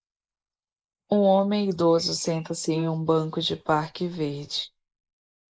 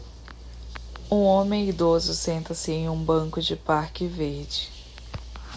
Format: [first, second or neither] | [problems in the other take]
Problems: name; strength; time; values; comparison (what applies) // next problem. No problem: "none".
second | noise reduction (neural mask model Resemble Enhance denoiser)